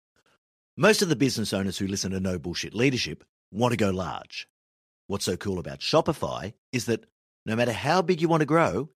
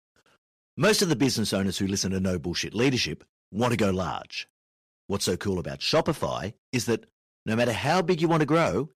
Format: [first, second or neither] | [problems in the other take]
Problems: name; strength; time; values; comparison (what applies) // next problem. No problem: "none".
first | distortion; slight; 10 dB below the speech